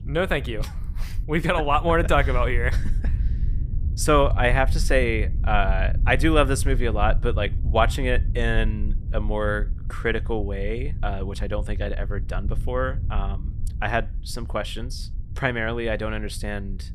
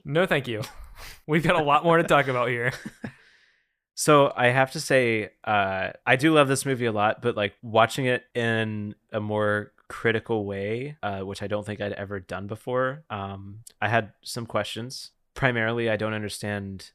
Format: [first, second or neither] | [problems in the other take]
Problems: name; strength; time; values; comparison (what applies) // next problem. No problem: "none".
second | low rumble; faint; throughout; 20 dB below the speech